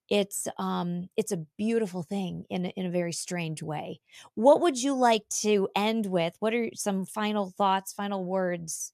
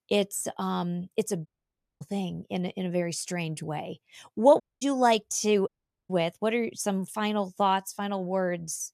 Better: first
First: none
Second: audio cutting out; at 1.5 s for 0.5 s, at 4.5 s and at 5.5 s

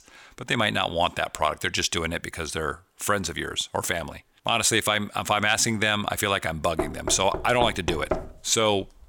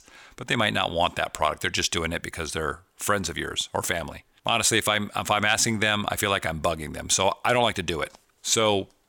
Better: second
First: door banging; noticeable; from 7 to 8.5 s; peak 5 dB below the speech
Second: none

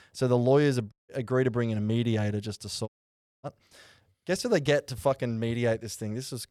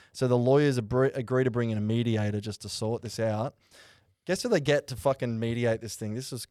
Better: second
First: audio cutting out; at 1 s and at 3 s for 0.5 s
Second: none

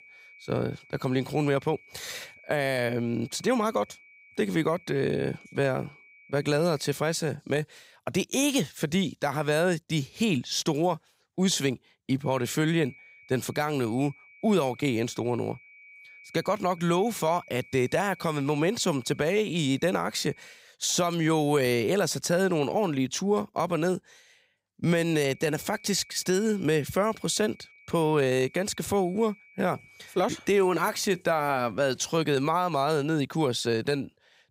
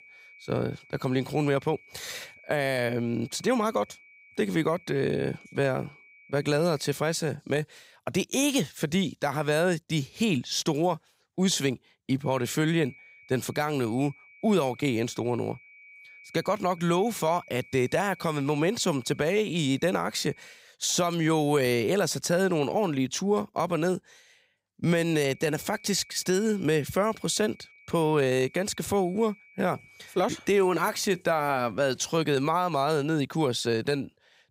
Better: neither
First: high-pitched whine; faint; until 7 s, from 12 to 21 s and from 25 to 31 s; 2.5 kHz, 25 dB below the speech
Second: high-pitched whine; faint; until 7 s, from 12 to 21 s and from 25 to 31 s; 2.5 kHz, 25 dB below the speech

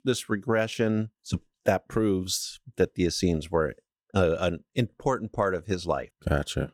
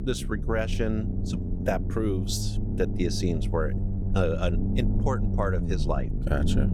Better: first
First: none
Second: low rumble; loud; throughout; 8 dB below the speech

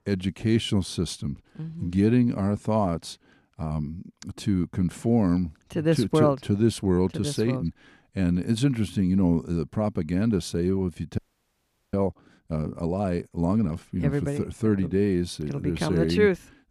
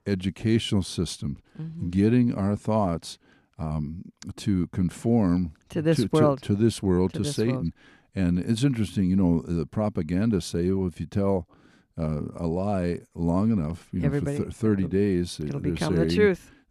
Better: second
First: audio freezing; at 11 s for 1 s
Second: none

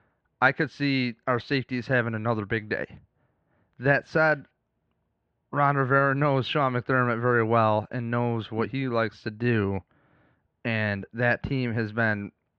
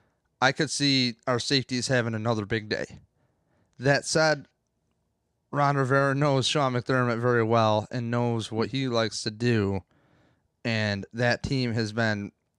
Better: second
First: muffled; very; fading above 3 kHz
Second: none

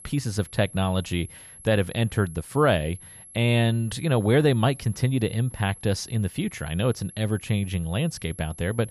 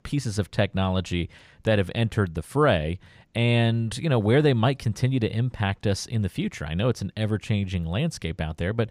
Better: second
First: high-pitched whine; noticeable; throughout; 11 kHz, 20 dB below the speech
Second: none

